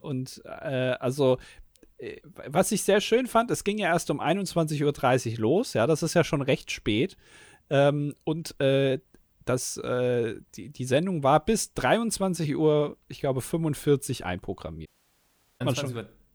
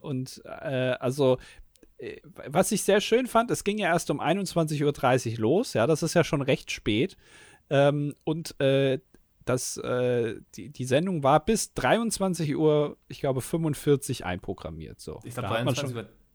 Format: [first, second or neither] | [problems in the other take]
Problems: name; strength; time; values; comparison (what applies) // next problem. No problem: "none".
second | audio cutting out; at 15 s for 0.5 s